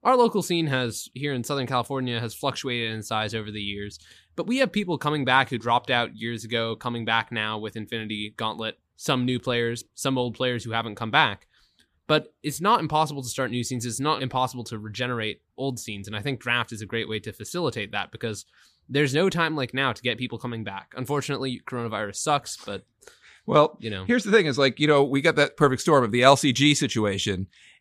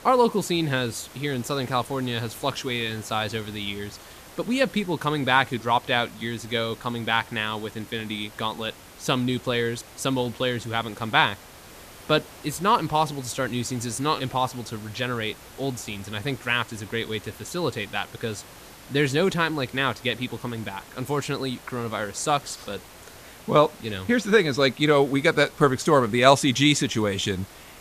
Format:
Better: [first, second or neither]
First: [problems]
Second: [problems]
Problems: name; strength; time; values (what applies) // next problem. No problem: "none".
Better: first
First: none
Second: hiss; noticeable; throughout; 20 dB below the speech